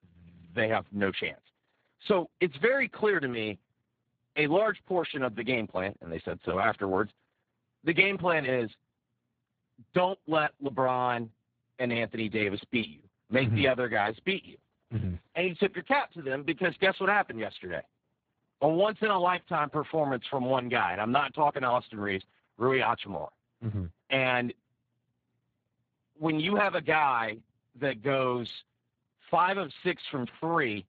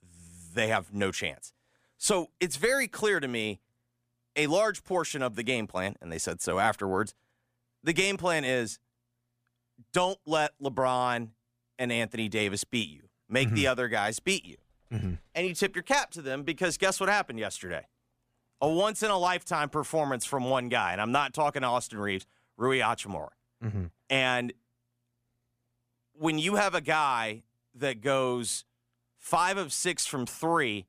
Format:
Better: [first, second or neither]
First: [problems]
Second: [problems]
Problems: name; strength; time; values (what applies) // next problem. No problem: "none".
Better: second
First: garbled, watery; badly; nothing above 4 kHz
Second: none